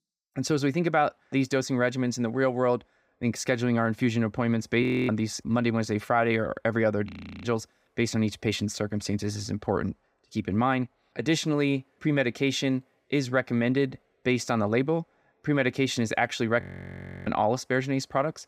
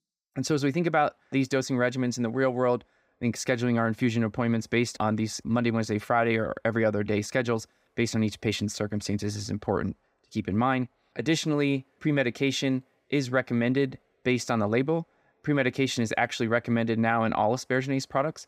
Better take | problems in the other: second | audio freezing; at 5 s, at 7 s and at 17 s for 0.5 s

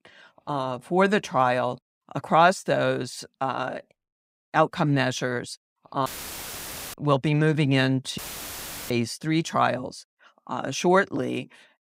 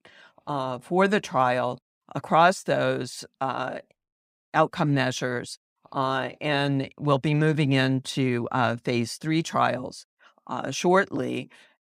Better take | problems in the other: second | audio cutting out; filled with static; at 6 s for 1 s and at 8 s for 0.5 s

